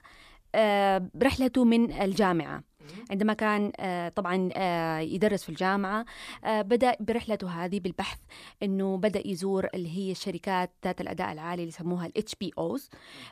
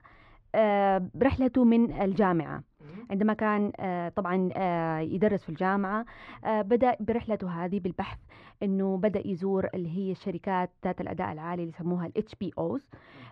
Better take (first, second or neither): first